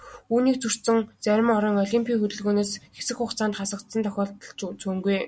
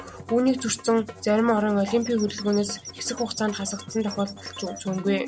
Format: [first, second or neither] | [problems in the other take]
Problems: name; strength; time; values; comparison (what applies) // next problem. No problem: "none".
first | background sound (Musical instrument + Squeak / Chirp, tweet); 14 dB below the speech